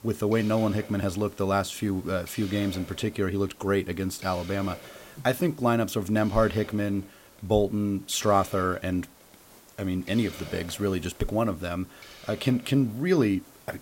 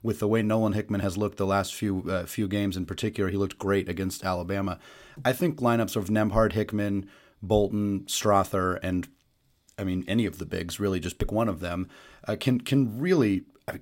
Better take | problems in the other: second | hiss; noticeable; throughout; 20 dB below the speech

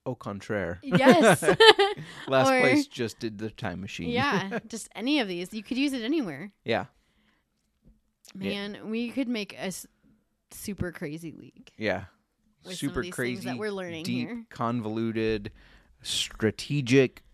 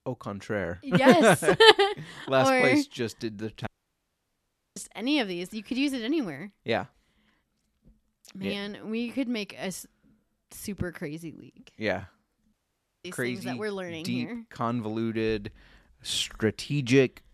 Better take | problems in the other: first | audio cutting out; at 3.5 s for 1 s and at 13 s for 0.5 s

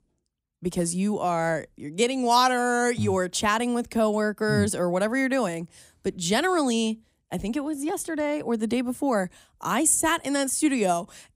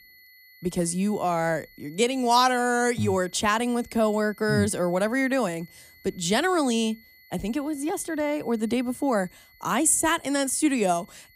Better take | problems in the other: first | high-pitched whine; faint; throughout; 2 kHz, 25 dB below the speech

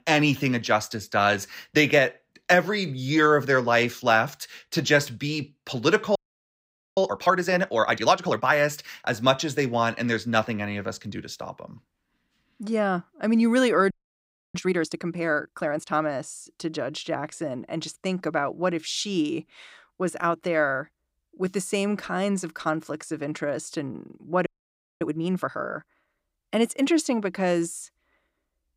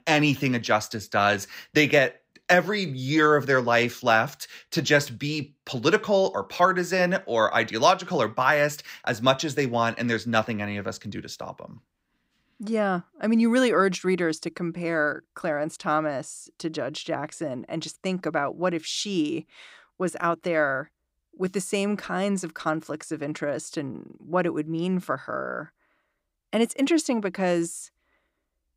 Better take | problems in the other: second | audio freezing; at 6 s for 1 s, at 14 s for 0.5 s and at 24 s for 0.5 s

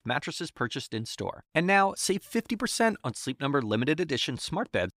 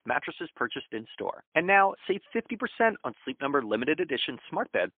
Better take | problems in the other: first | phone-call audio; poor line; nothing above 3.5 kHz

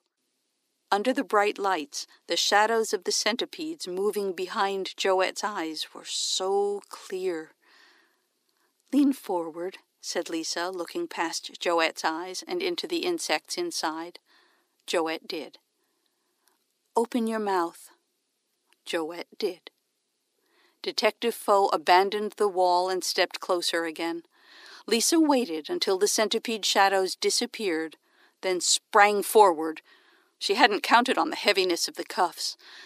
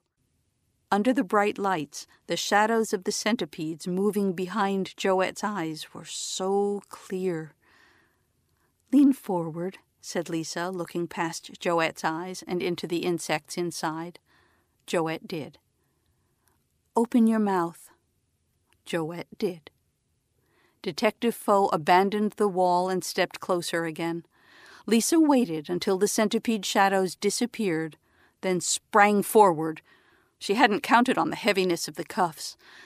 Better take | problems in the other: second | thin; very slightly; fading below 300 Hz

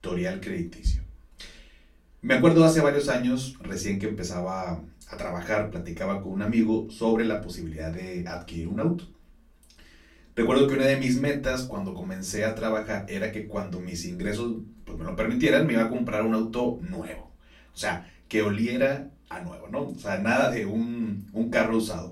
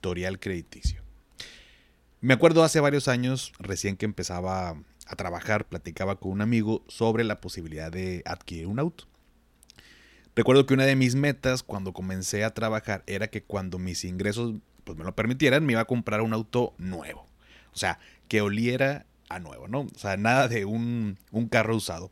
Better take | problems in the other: second | off-mic speech; far // room echo; very slight; dies away in 0.3 s

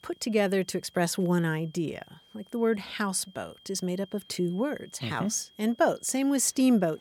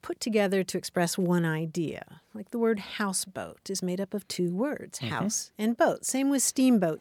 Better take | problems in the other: second | high-pitched whine; faint; throughout; 3 kHz, 30 dB below the speech

